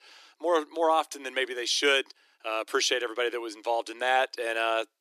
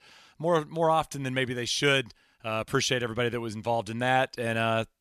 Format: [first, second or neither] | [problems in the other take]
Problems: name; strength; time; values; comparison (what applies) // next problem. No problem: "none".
second | thin; very; fading below 300 Hz